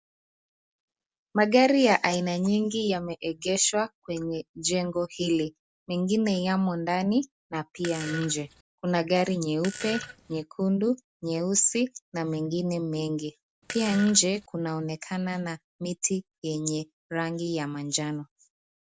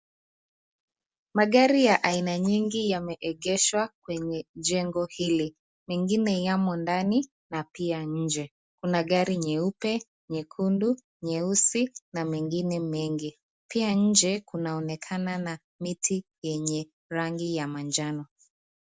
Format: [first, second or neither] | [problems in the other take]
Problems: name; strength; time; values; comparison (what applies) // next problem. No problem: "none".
second | background sound (Fart); 12 dB below the speech